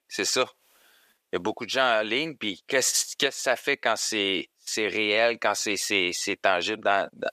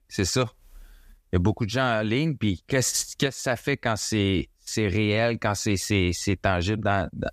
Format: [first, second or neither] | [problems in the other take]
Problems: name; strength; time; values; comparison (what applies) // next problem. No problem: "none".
second | thin; very; fading below 500 Hz